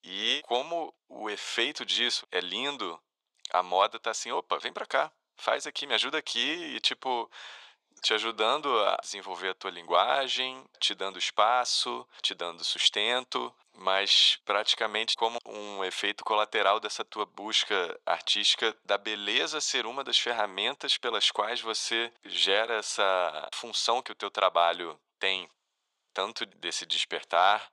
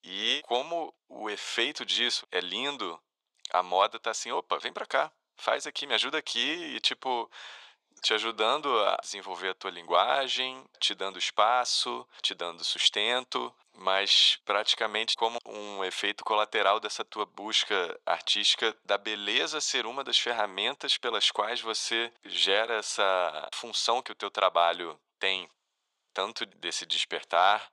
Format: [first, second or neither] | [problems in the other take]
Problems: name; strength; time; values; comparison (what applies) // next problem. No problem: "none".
neither | thin; very; fading below 900 Hz; the same in both